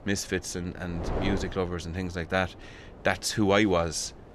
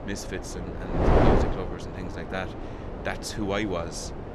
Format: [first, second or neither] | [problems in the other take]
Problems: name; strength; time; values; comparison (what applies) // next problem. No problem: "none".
first | wind noise on the microphone; heavy; 3 dB above the speech; occasional gusts in the first